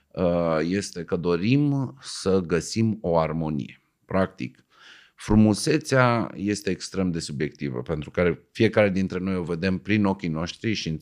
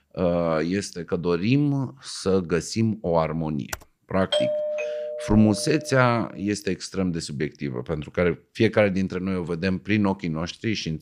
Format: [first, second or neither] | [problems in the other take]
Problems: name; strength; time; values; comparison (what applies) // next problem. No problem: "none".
first | keyboard typing; very faint; at 3.5 s; peak 10 dB below the speech // doorbell; loud; from 4.5 to 6 s; peak 1 dB above the speech